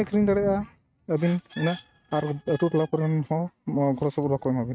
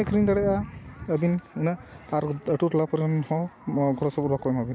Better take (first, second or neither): second